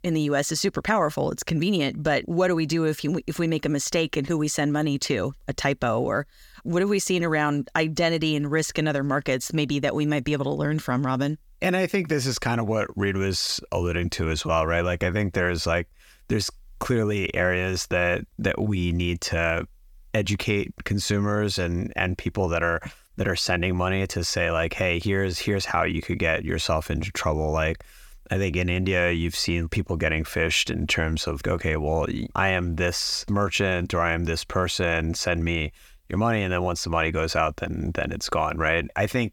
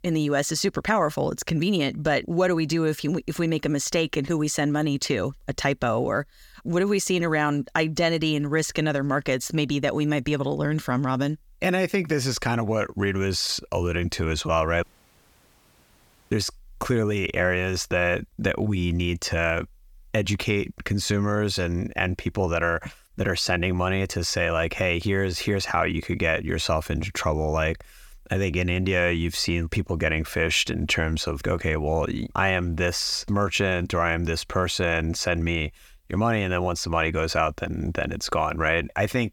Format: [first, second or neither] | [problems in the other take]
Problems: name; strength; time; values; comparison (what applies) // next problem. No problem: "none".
first | audio cutting out; at 15 s for 1.5 s